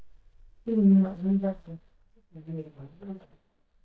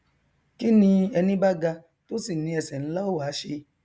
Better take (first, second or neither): second